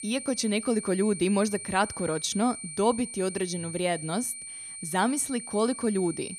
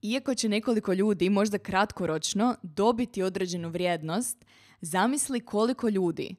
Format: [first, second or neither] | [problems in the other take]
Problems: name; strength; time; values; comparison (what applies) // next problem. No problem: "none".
second | high-pitched whine; loud; throughout; 9 kHz, 9 dB below the speech